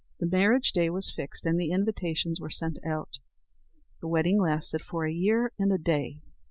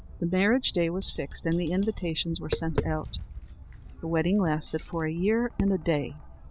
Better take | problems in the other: first | background sound (Tap); 10 dB below the speech

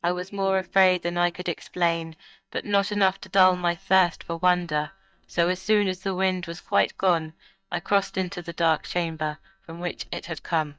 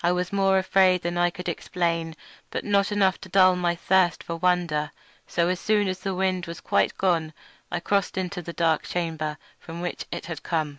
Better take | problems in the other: second | noise reduction (neural mask model DeepFilterNet 3)

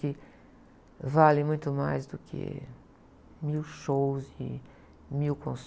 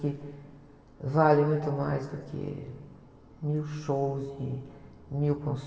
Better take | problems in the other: first | room echo; dies away in 2.4 s

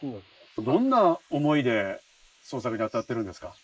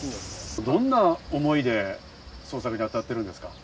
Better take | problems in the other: second | noise reduction (neural mask model Resemble Enhance denoiser)

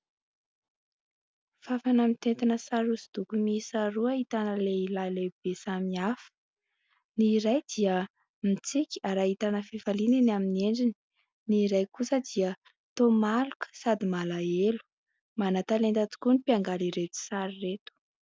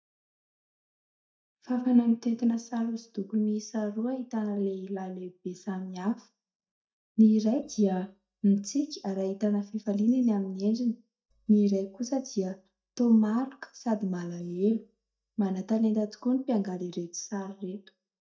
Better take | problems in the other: first | noise reduction (neural mask model DeepFilterNet 3)

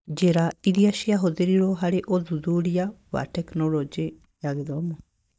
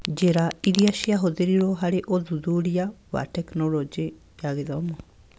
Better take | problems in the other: second | noise reduction (neural mask model DeepFilterNet 3)

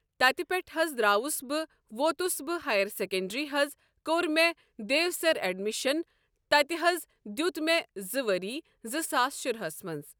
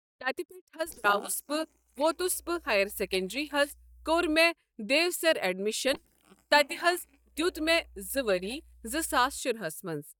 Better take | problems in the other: first | noise reduction (neural mask model DeepFilterNet 3)

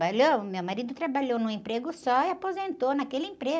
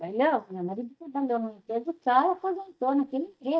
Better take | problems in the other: first | noise reduction (neural mask model DeepFilterNet 3)

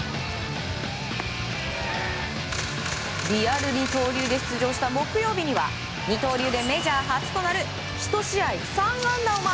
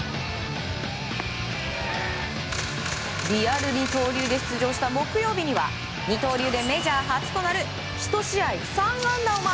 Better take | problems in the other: second | background sound (Stream); 20 dB below the speech

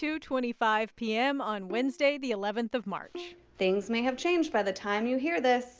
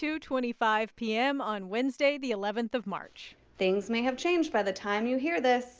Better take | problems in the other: second | background sound (Bowed string instrument); 19 dB below the speech

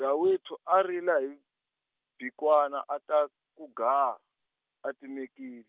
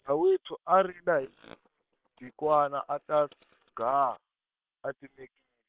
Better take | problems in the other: first | noise reduction (neural separator model SepFormer WHAM!)

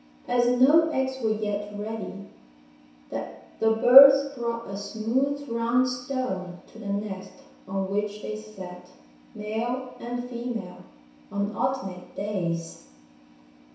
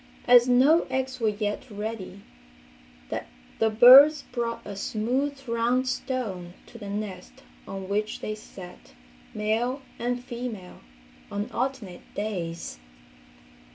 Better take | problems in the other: second | room echo; dies away in 0.7 s

